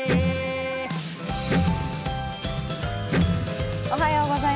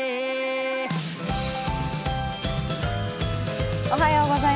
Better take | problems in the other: second | background sound (Electric guitar); 2 dB below the speech

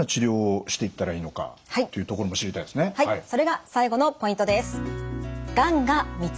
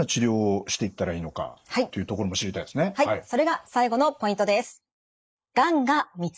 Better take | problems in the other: first | noise reduction (neural mask model Resemble Enhance denoiser)

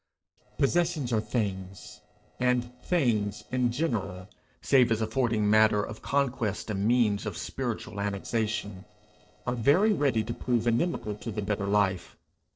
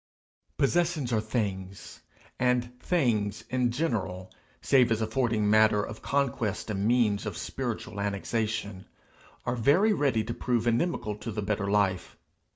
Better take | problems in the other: second | noise reduction (neural separator model SepFormer DNS4)

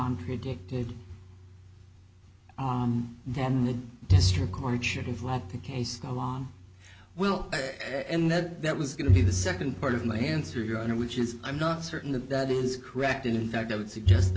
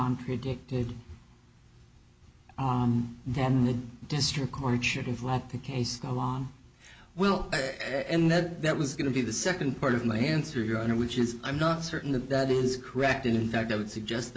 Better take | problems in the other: second | background sound (Bowed string instrument); 1 dB below the speech

